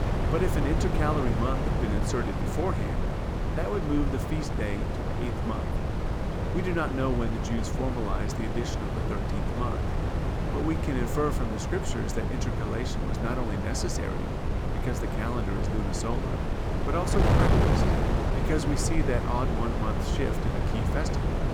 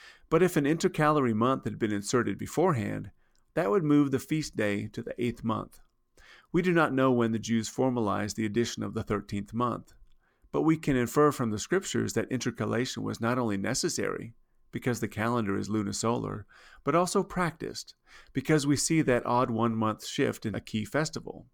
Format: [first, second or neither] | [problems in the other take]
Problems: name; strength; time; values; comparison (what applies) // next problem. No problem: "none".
second | wind noise on the microphone; heavy; as loud as the speech